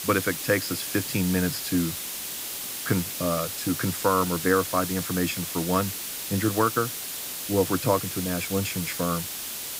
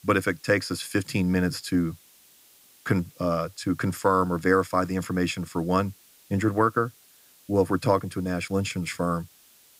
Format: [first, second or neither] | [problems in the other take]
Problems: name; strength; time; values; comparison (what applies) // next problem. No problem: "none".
second | hiss; loud; throughout; 4 dB below the speech; faint in the second